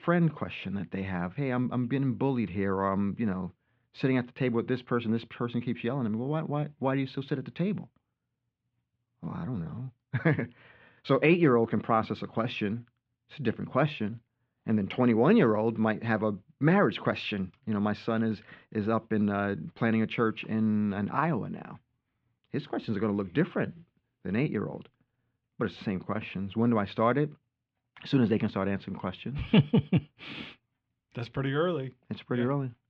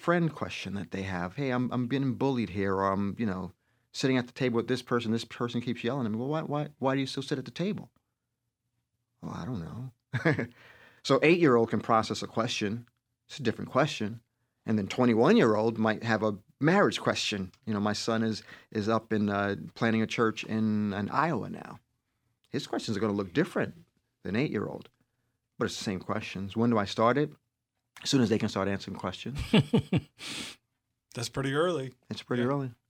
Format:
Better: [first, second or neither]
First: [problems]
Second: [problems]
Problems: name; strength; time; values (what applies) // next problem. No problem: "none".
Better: second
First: muffled; slightly; fading above 3 kHz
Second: none